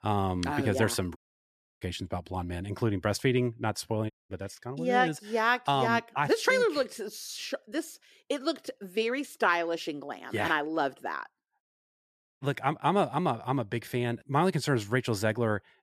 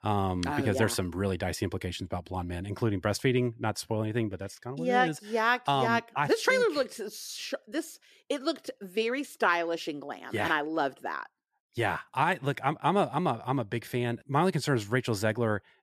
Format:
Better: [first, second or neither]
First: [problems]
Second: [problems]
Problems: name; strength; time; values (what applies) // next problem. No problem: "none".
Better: second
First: audio cutting out; at 1 s for 0.5 s, at 4 s and at 12 s for 1 s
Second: none